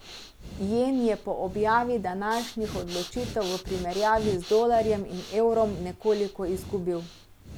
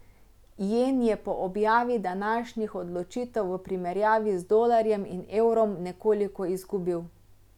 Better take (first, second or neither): second